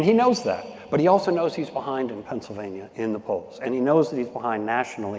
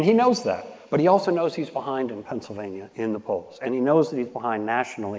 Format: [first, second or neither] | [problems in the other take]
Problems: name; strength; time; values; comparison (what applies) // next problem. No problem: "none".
first | noise reduction (neural mask model Resemble Enhance denoiser)